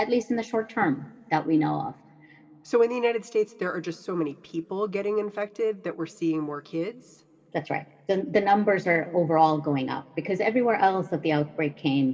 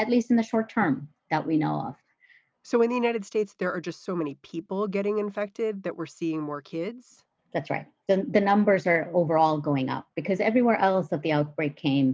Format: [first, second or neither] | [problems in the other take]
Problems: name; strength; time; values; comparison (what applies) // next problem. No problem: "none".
second | room echo; dies away in 2.3 s